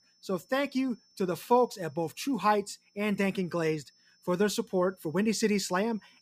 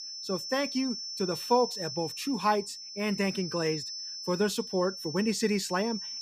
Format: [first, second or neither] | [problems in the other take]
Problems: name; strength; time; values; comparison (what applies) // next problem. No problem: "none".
first | high-pitched whine; loud; throughout; 5.5 kHz, 6 dB below the speech; faint in the first